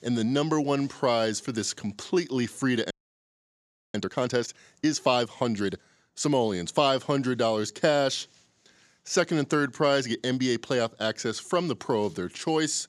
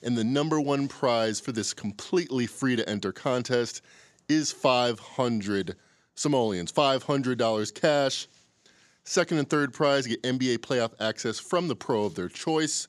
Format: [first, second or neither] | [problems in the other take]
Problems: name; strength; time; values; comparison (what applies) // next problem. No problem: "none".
second | audio freezing; at 3 s for 1 s